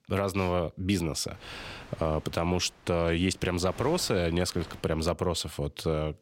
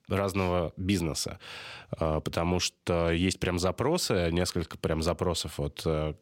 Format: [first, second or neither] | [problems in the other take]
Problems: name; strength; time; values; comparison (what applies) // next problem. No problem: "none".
second | wind noise on the microphone; occasional gusts; from 1.5 to 5 s; 20 dB below the speech